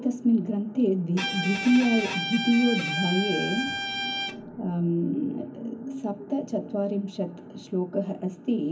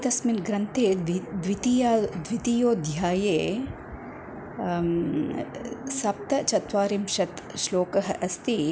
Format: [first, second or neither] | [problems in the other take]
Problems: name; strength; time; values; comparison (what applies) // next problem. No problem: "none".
second | background sound (Bowed string instrument); 4 dB below the speech // room echo; dies away in 0.4 s